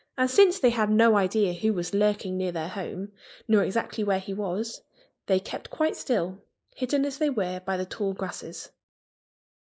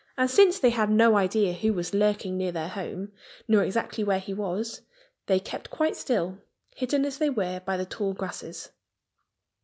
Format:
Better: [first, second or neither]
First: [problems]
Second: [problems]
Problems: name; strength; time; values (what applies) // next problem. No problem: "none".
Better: second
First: noise reduction (neural mask model Resemble Enhance denoiser)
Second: none